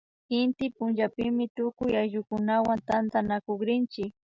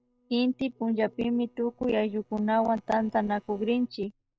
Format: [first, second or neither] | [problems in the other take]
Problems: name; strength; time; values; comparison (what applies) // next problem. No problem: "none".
first | noise reduction (neural separator model SepFormer DNS4)